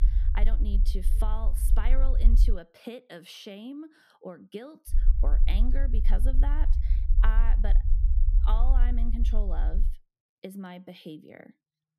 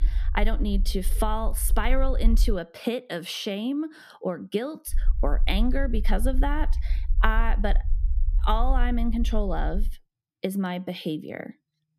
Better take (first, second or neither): second